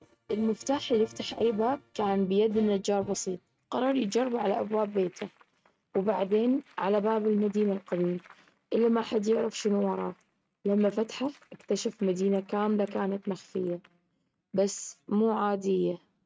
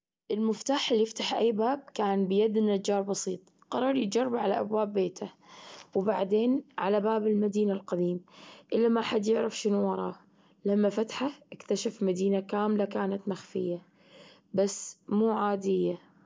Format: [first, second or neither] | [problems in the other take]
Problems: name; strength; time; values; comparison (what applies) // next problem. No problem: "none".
second | noise reduction (neural mask model RNNoise)